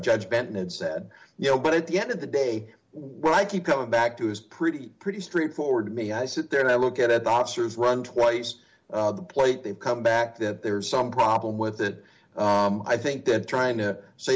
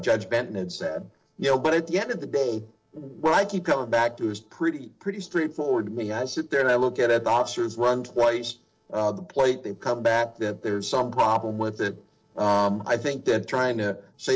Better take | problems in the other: first | noise reduction (neural separator model SepFormer DNS4)

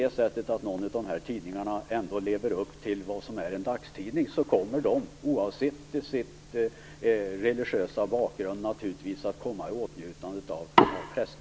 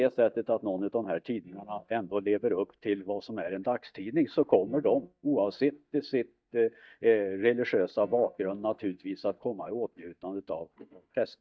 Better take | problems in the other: first | noise reduction (neural mask model DeepFilterNet 3)

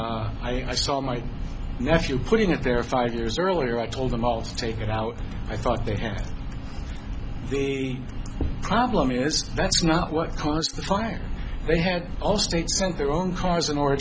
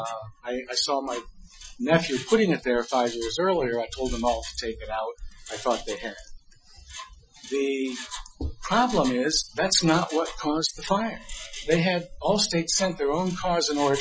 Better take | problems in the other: first | noise reduction (classical method Wiener filter)

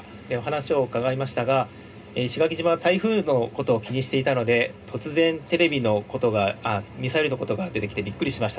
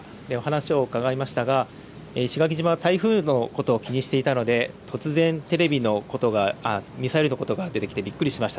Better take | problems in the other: second | room echo; dies away in 0.2 s

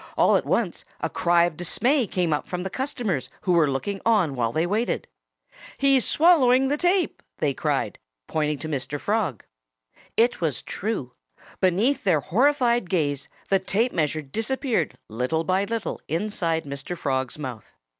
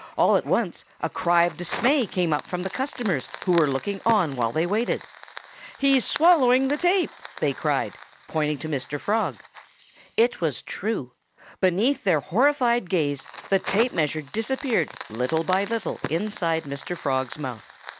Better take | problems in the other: first | background sound (Fire); 16 dB below the speech

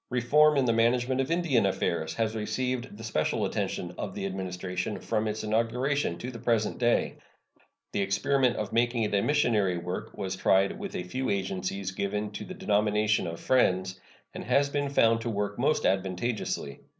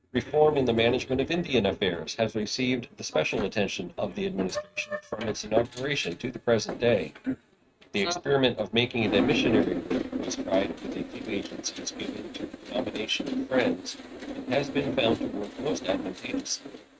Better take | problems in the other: first | noise reduction (neural mask model RNNoise)

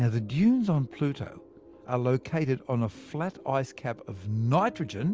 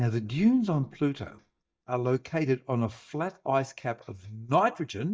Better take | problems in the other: first | noise reduction (neural mask model DeepFilterNet 3)

